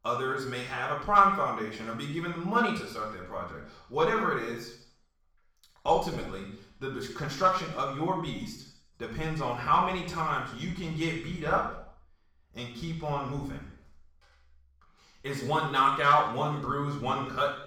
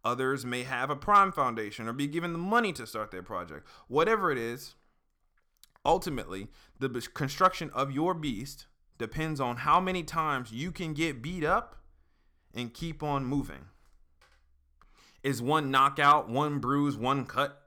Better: second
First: room echo; noticeable; dies away in 0.7 s // off-mic speech; far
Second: none

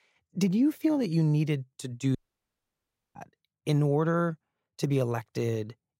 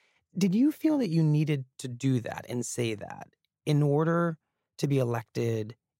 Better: second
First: audio cutting out; at 2 s for 1 s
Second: none

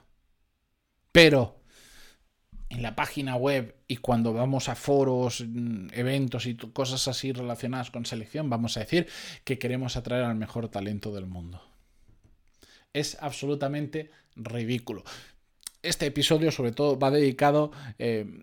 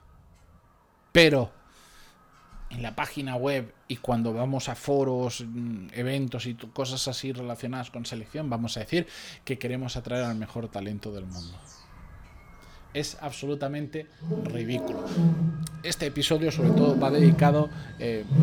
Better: first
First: none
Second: animal sounds; very loud; throughout; 3 dB above the speech

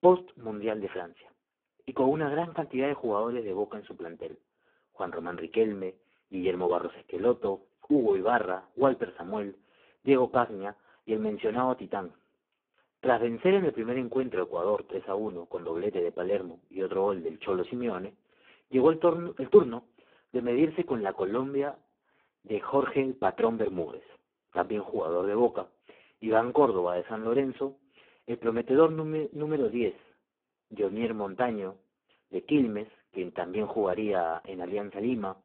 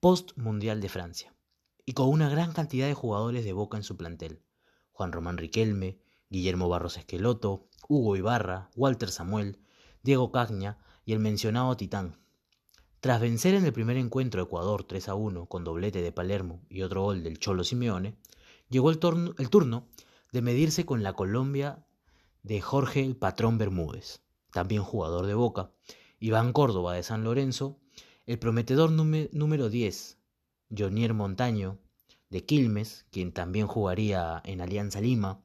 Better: second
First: phone-call audio; poor line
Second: none

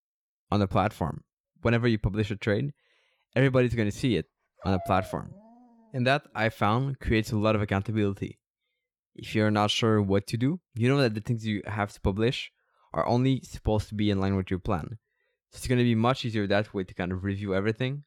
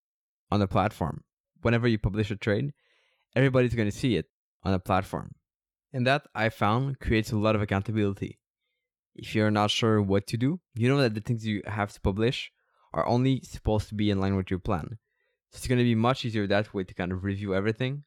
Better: second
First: dog barking; faint; from 4.5 to 6 s; peak 10 dB below the speech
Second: none

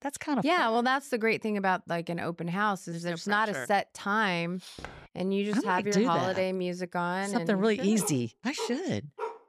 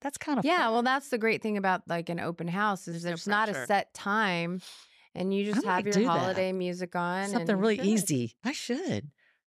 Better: second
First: footsteps; faint; at 5 s; peak 15 dB below the speech // dog barking; faint; from 8 s on; peak 10 dB below the speech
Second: none

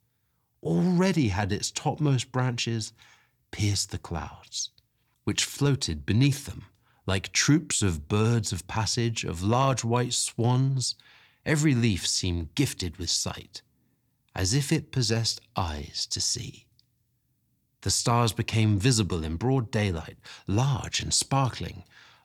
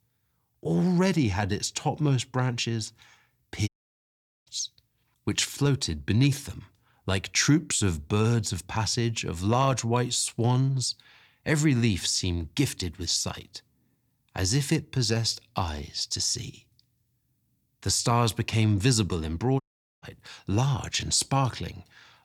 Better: first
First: none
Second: audio cutting out; at 3.5 s for 1 s and at 20 s

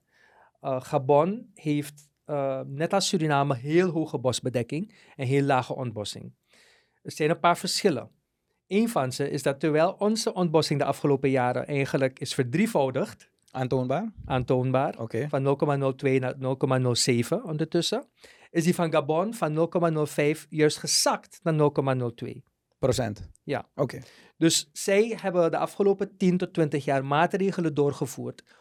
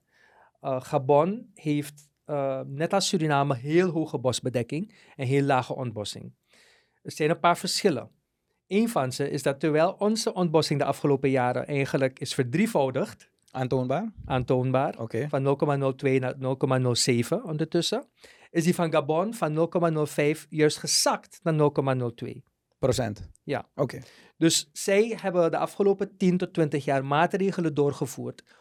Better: neither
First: none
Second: none

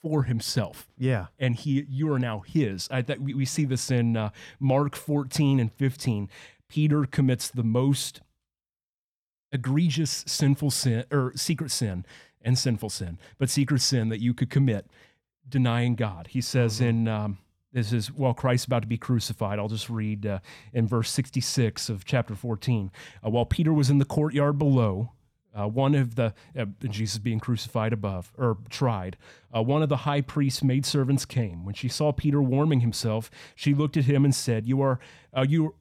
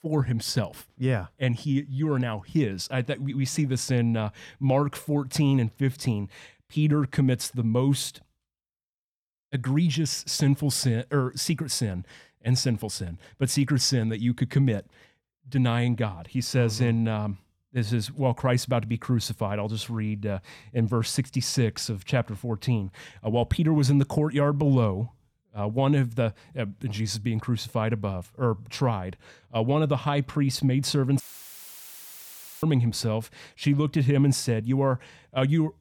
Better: first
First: none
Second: audio cutting out; filled with static; at 31 s for 1.5 s

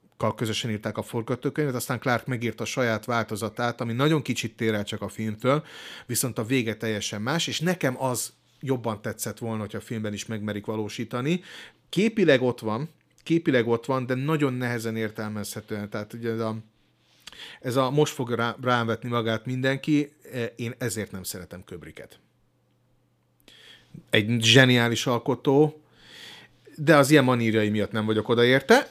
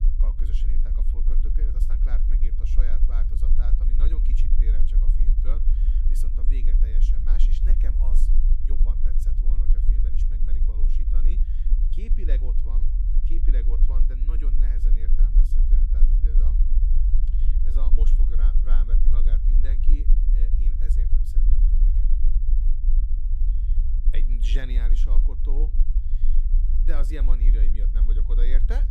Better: first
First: none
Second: low rumble; loud; throughout; 2 dB below the speech

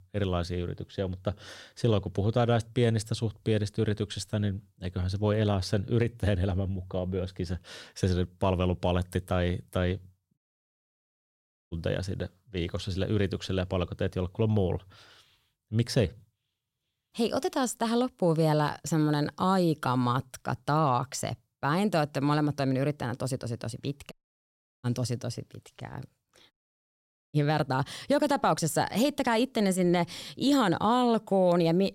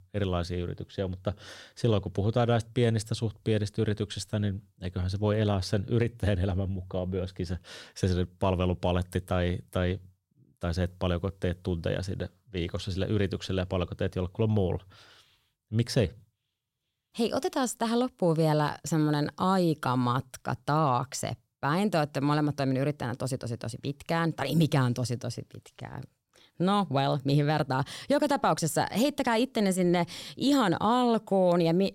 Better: second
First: audio cutting out; at 10 s for 1.5 s, at 24 s for 0.5 s and at 27 s for 1 s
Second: none

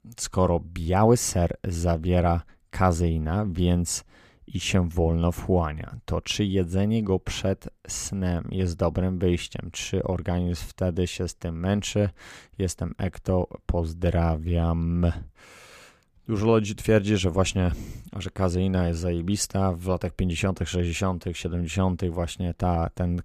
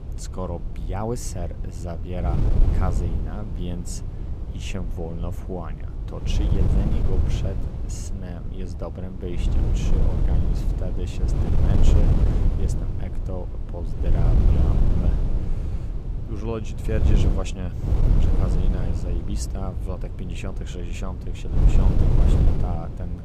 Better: first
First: none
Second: wind noise on the microphone; heavy; 1 dB below the speech

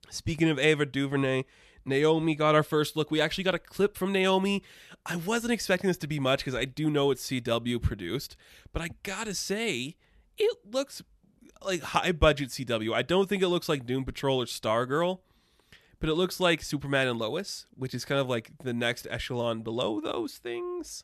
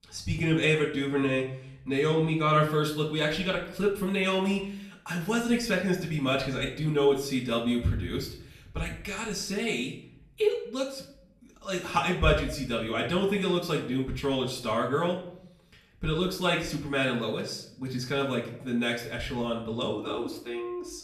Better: first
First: none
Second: off-mic speech; far // room echo; slight; dies away in 0.5 s

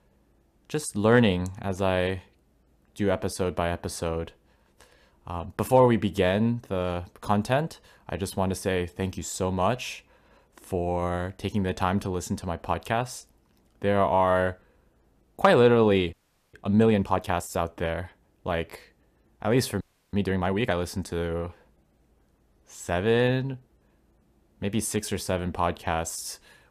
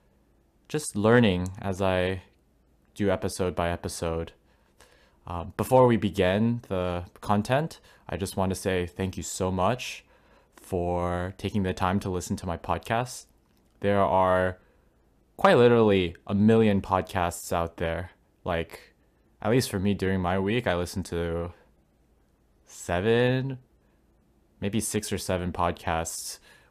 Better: second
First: audio freezing; at 16 s and at 20 s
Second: none

